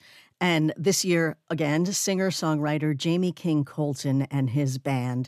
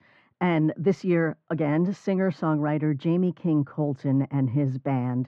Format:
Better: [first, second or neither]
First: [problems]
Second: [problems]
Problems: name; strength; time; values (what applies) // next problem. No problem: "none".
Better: first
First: none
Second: muffled; very; fading above 1.5 kHz